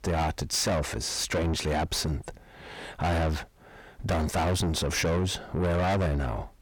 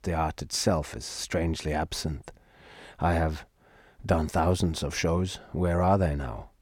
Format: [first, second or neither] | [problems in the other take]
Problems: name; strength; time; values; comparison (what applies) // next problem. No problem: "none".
second | distortion; heavy; 6 dB below the speech